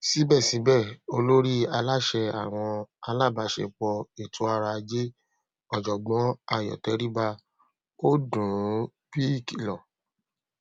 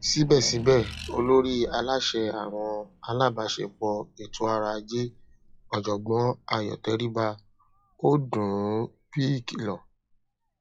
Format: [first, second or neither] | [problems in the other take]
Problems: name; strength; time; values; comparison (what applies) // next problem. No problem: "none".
first | noise reduction (classical method log-MMSE)